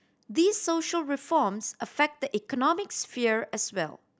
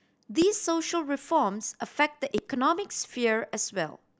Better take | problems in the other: first | background sound (Fireworks); 19 dB below the speech

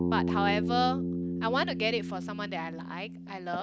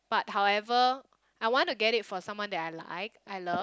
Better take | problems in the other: second | background sound (Bass guitar); as loud as the speech

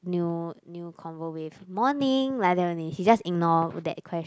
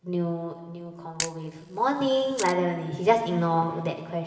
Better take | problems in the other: first | background sound (Camera); 14 dB below the speech // room echo; dies away in 2.6 s

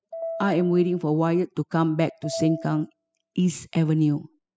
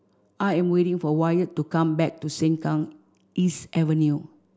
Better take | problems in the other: second | noise reduction (classical method spectral subtraction)

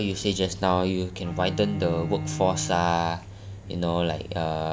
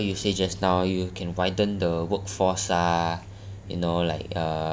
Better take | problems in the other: second | background sound (Bowed string instrument); 10 dB below the speech

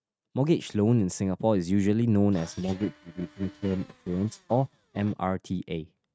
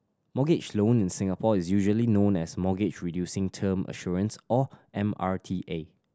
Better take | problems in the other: second | noise reduction (neural mask model RNNoise)

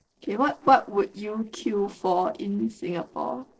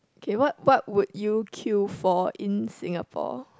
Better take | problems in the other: second | noise reduction (neural separator model SepFormer DNS4)

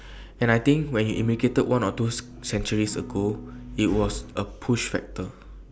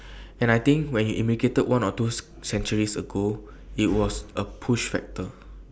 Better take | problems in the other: second | background sound (Acoustic guitar / Strum); 16 dB below the speech

